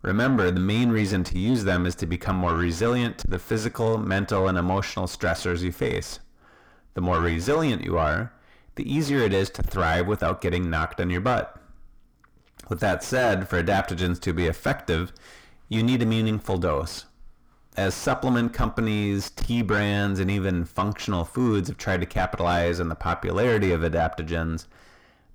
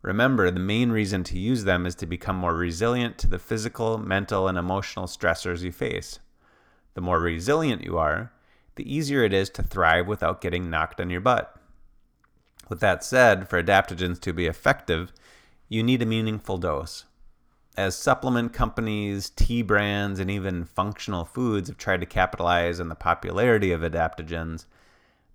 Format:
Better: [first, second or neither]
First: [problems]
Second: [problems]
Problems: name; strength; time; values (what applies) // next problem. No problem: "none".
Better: second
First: distortion; heavy; 6 dB below the speech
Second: none